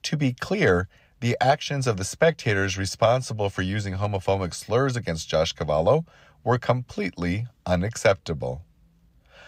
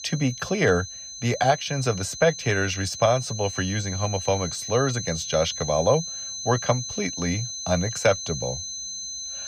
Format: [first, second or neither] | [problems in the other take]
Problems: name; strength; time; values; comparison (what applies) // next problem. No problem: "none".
first | high-pitched whine; loud; throughout; 6 kHz, 7 dB below the speech